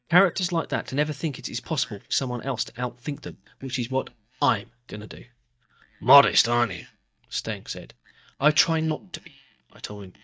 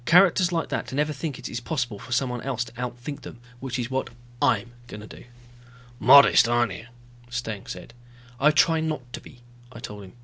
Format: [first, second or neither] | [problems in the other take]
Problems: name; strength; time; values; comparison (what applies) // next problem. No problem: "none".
second | noise reduction (neural mask model DeepFilterNet 3)